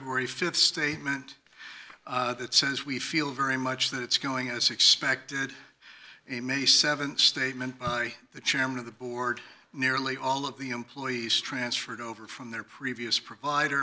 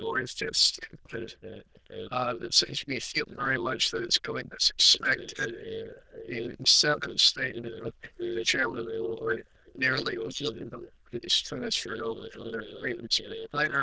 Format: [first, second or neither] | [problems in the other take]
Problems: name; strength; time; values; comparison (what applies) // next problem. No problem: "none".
first | noise reduction (neural diffusion model UNIVERSE++)